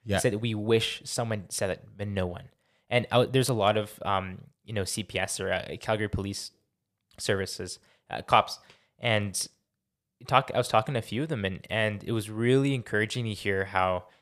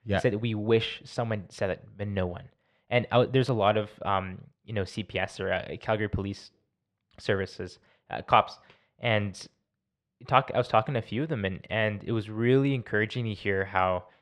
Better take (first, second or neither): first